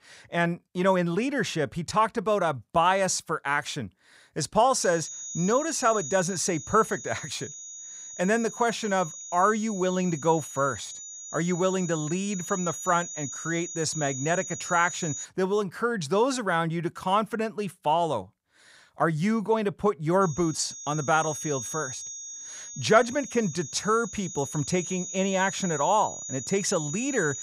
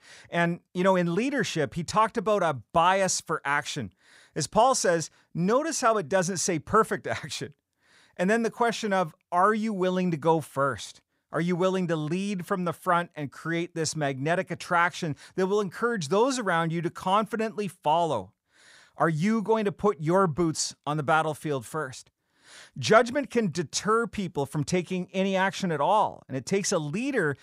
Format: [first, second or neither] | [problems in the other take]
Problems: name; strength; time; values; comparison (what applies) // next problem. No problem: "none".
second | high-pitched whine; loud; from 5 to 15 s and from 20 s on; 6.5 kHz, 9 dB below the speech